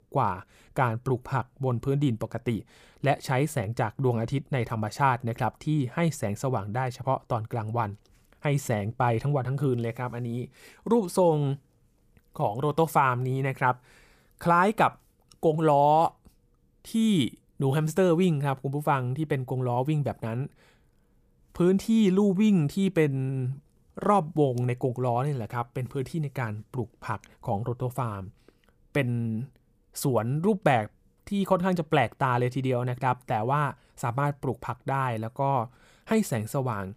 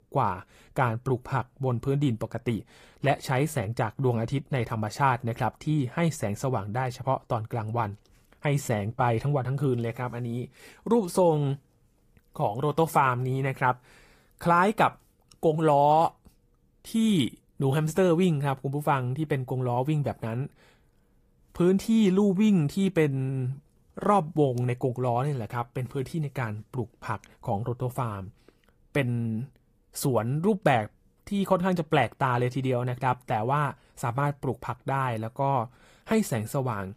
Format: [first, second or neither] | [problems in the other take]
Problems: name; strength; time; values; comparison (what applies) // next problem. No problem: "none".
first | garbled, watery; slightly; nothing above 15 kHz